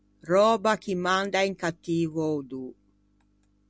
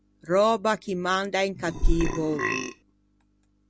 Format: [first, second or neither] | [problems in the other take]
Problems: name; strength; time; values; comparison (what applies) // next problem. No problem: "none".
first | background sound (Burping, eructation); 2 dB above the speech